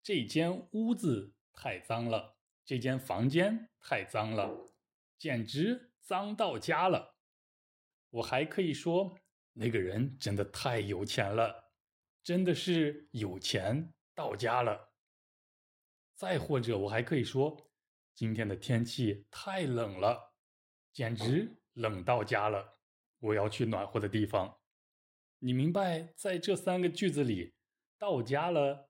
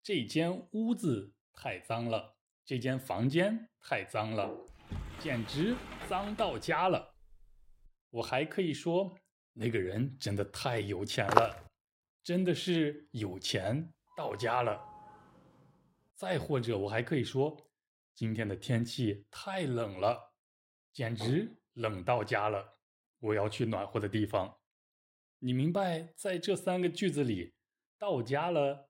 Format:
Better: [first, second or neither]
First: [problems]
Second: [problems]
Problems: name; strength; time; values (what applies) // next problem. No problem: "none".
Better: first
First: none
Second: door banging; noticeable; from 4.5 to 8 s; peak 9 dB below the speech // footsteps; loud; at 11 s; peak 5 dB above the speech // doorbell; faint; from 14 to 16 s; peak 15 dB below the speech